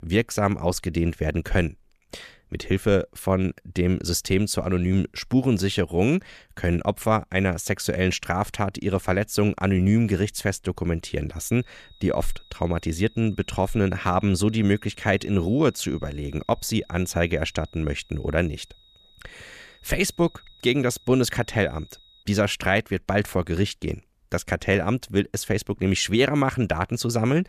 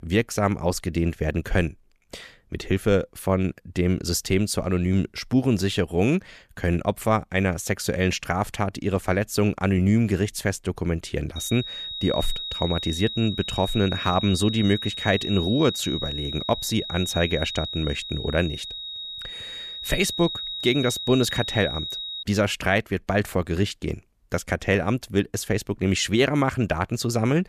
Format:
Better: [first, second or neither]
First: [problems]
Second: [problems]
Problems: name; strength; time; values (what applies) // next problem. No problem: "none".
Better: first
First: high-pitched whine; faint; from 11 to 22 s; 4 kHz, 30 dB below the speech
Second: high-pitched whine; loud; from 11 to 22 s; 4 kHz, 6 dB below the speech